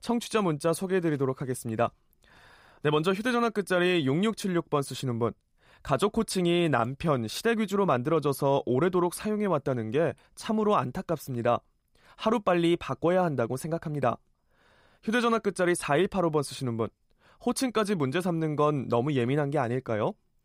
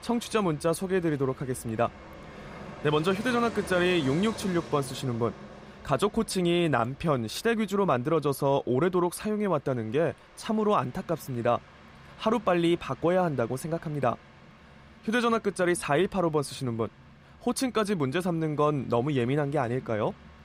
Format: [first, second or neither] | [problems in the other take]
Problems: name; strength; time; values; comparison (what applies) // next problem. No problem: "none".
first | train or aircraft noise; noticeable; throughout; 20 dB below the speech